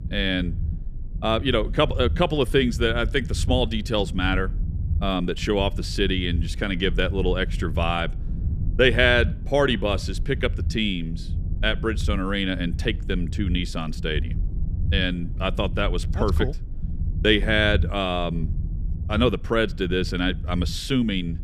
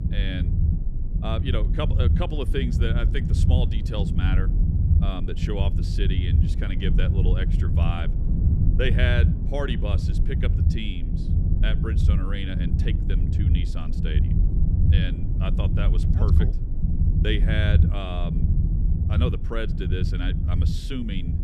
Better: first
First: low rumble; faint; throughout; 20 dB below the speech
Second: low rumble; loud; throughout; 4 dB below the speech

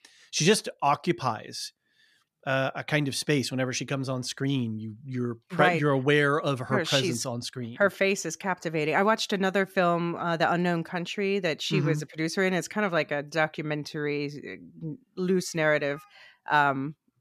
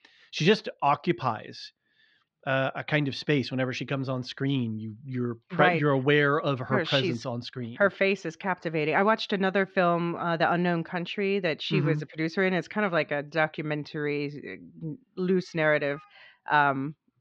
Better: first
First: none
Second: muffled; very slightly; fading above 4 kHz

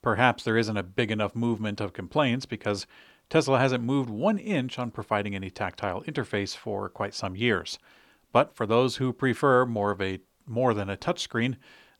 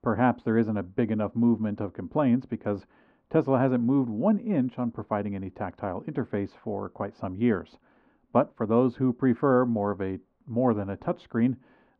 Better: first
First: none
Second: muffled; very; fading above 3.5 kHz

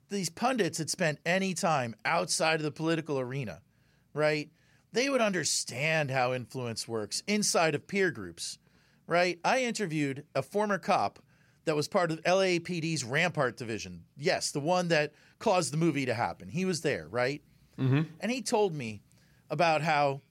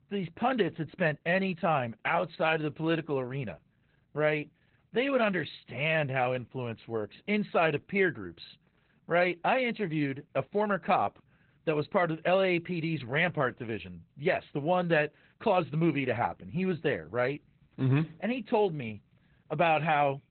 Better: first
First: none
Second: garbled, watery; badly; nothing above 4 kHz

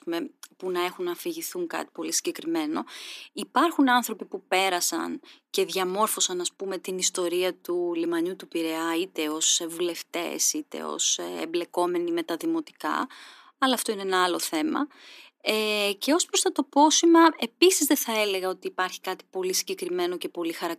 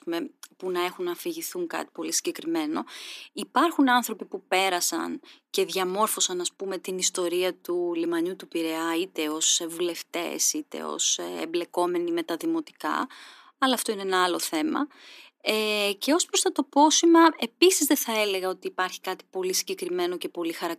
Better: neither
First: thin; somewhat; fading below 300 Hz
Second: thin; somewhat; fading below 300 Hz

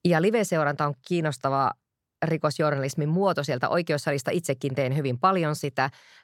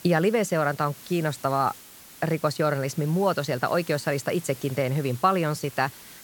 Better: first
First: none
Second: hiss; noticeable; throughout; 20 dB below the speech

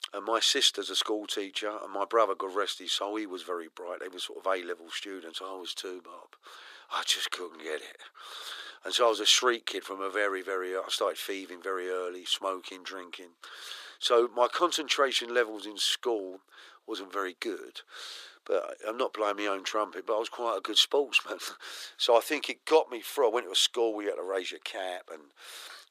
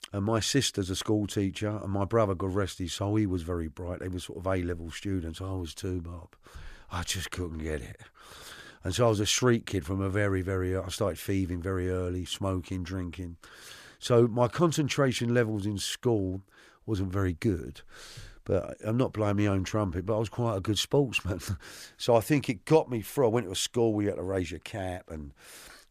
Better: second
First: thin; very; fading below 350 Hz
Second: none

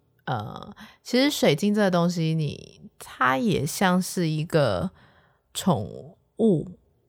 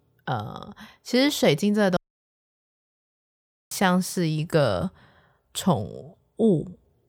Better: first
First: none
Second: audio cutting out; at 2 s for 1.5 s

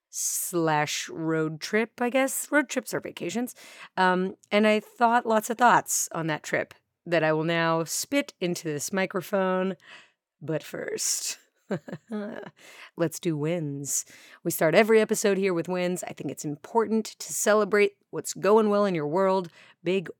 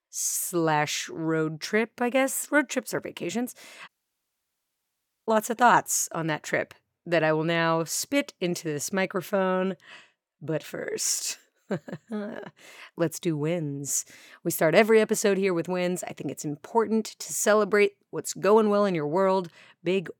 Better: first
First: none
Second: audio cutting out; at 4 s for 1.5 s

